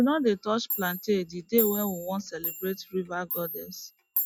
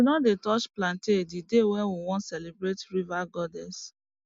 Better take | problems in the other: second | noise reduction (classical method log-MMSE)

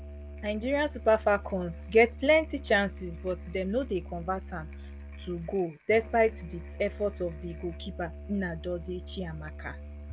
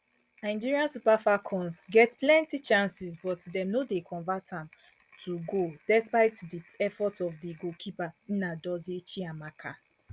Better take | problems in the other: second | background sound (Musical instrument); 12 dB below the speech

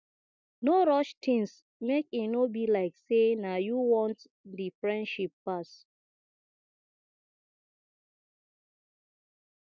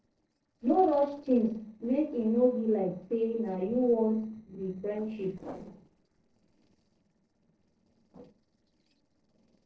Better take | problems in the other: first | noise reduction (neural separator model SepFormer DNS4)

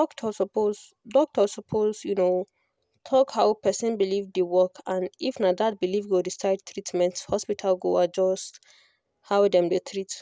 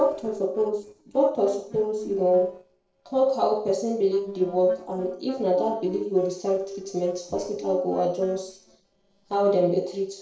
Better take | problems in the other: first | noise reduction (neural separator model SepFormer DNS4)

